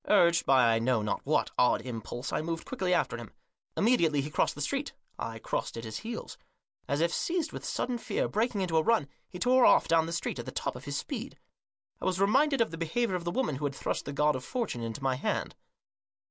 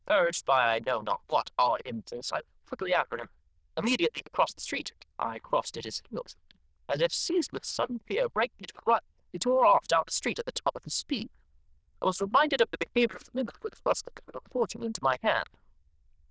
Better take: first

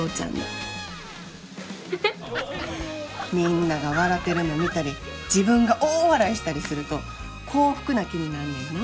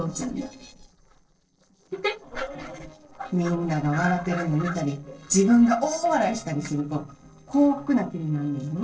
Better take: first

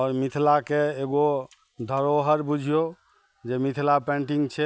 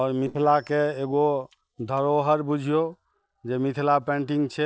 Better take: first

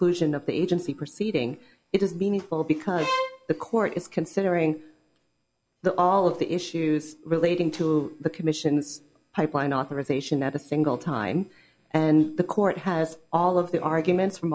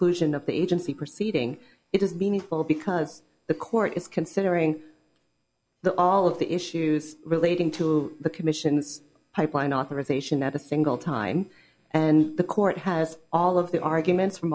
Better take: second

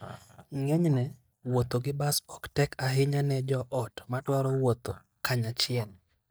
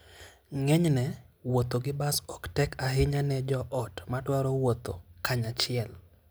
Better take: second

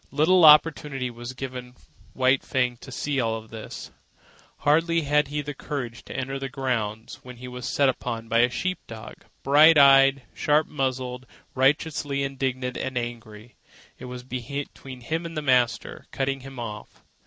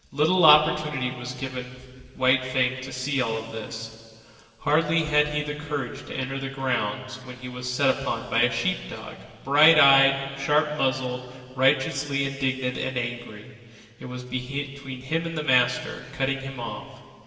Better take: first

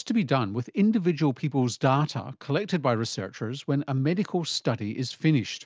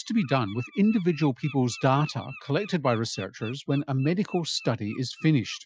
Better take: first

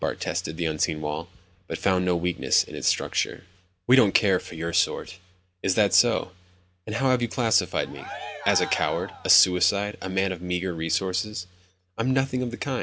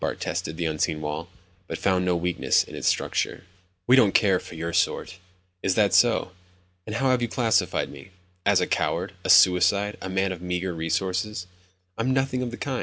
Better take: second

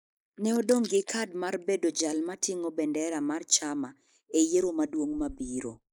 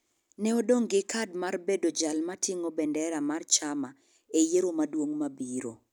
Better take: second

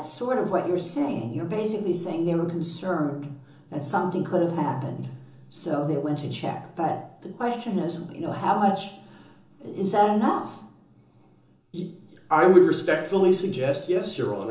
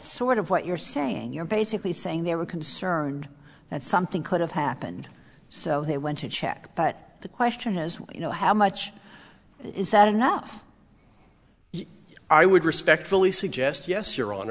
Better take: second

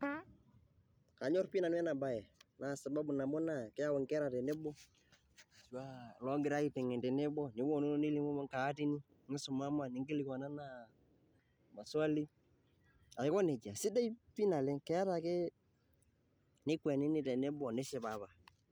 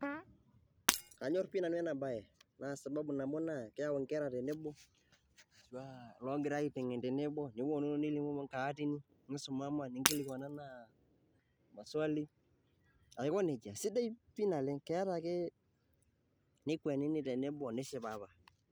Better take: first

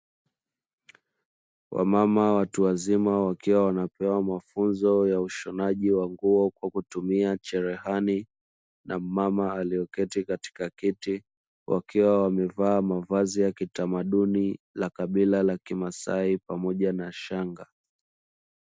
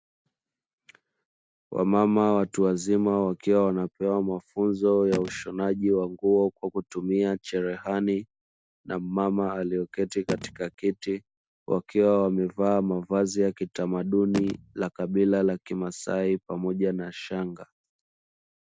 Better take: first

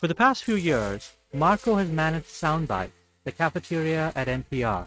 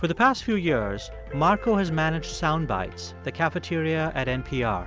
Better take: second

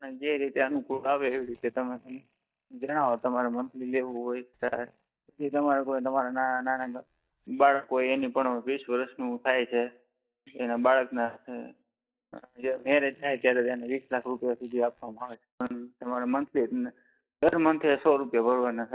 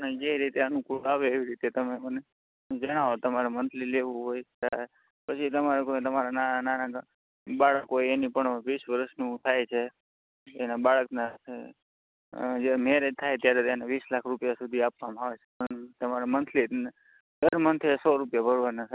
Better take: second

